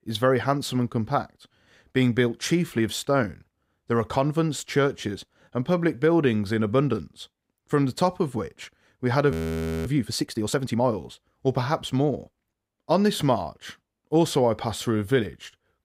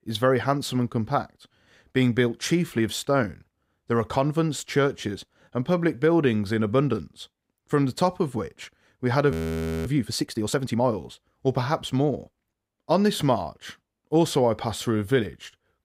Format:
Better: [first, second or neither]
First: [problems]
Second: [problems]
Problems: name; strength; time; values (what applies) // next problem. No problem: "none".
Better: neither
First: audio freezing; at 9.5 s for 0.5 s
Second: audio freezing; at 9.5 s for 0.5 s